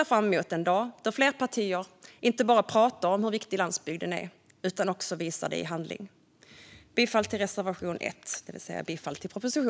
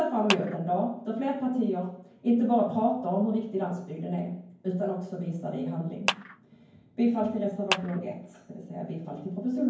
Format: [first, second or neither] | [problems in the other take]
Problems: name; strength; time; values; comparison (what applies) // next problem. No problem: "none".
first | background sound (Clapping); 7 dB below the speech // room echo; dies away in 0.9 s